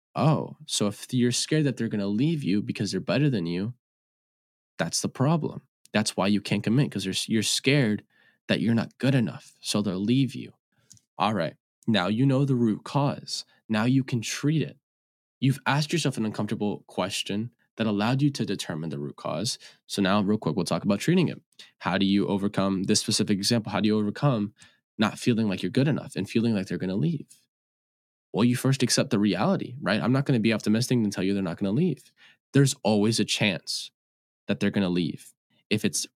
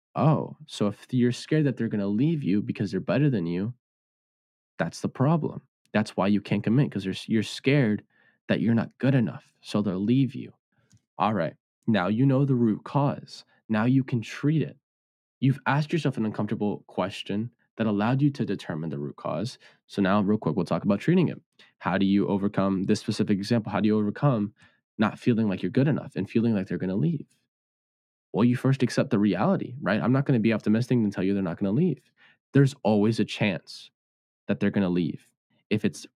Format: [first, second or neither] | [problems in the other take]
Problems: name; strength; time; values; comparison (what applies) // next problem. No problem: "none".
first | muffled; slightly; fading above 3.5 kHz